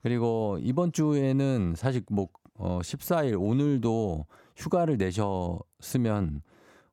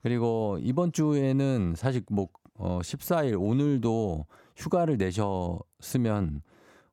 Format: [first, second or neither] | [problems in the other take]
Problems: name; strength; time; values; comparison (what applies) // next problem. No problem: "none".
neither | none